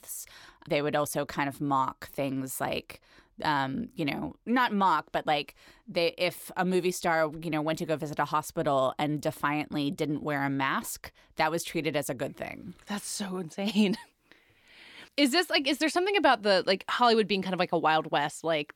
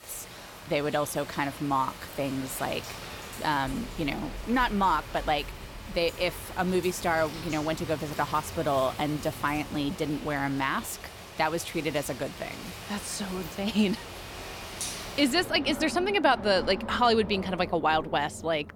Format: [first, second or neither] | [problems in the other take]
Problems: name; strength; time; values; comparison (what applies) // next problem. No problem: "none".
first | rain or running water; noticeable; throughout; 10 dB below the speech